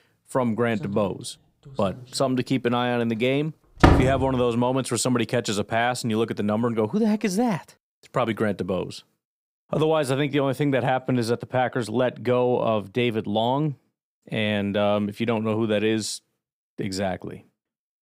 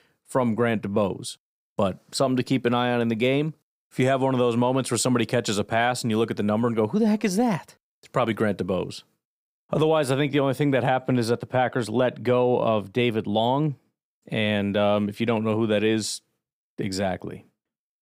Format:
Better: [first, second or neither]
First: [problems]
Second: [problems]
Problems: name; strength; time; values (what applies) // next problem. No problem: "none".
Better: second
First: household noises; very loud; until 4 s; 3 dB above the speech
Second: none